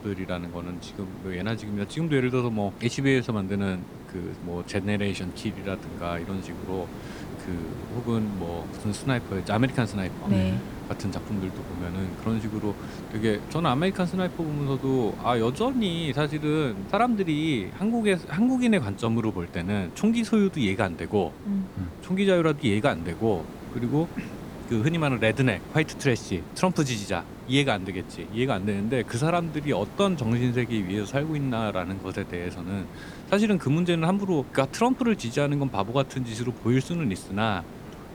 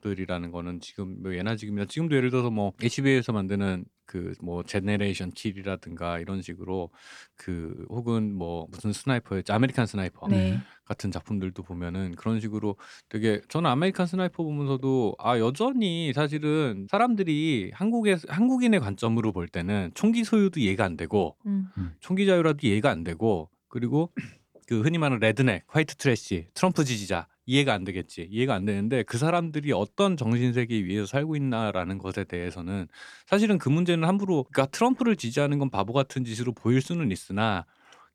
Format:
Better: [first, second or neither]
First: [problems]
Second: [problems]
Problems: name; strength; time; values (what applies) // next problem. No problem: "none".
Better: second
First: hiss; noticeable; throughout; 15 dB below the speech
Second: none